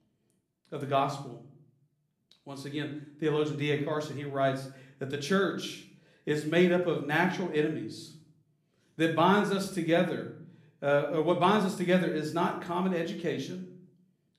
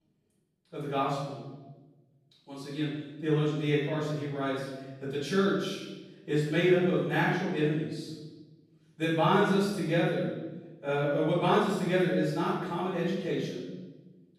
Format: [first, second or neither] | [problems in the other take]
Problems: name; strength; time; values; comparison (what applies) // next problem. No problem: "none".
first | room echo; strong; dies away in 1.1 s; slight in the first // off-mic speech; far; somewhat distant in the first